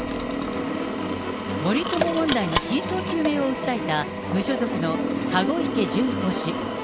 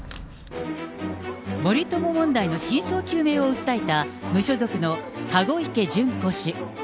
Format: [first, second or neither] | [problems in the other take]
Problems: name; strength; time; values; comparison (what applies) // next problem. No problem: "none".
second | background sound (Drill); 2 dB below the speech